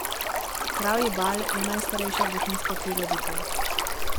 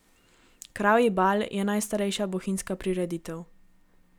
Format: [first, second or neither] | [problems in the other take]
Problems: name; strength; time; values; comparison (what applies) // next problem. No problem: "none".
second | background sound (Stream); 4 dB above the speech